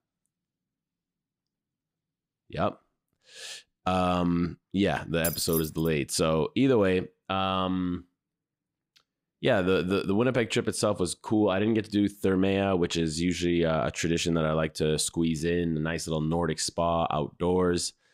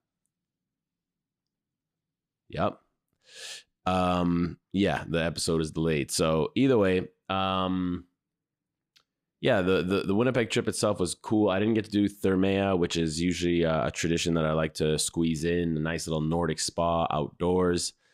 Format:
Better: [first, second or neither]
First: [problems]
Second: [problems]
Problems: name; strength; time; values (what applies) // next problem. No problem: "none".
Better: second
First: jangling keys; noticeable; at 5 s; peak 4 dB below the speech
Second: none